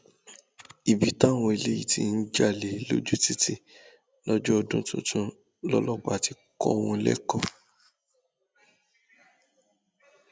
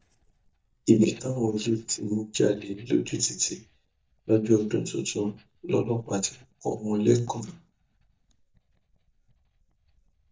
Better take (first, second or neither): first